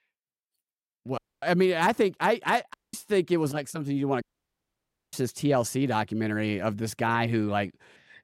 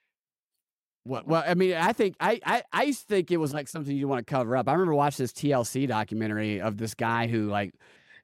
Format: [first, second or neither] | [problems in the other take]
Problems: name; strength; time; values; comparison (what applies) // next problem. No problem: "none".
second | audio cutting out; at 1 s, at 2.5 s and at 4 s for 1 s